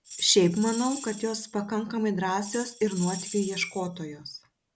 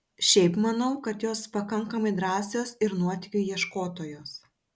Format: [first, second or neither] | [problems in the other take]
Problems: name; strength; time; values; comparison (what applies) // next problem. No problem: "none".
second | background sound (Tambourine); 14 dB below the speech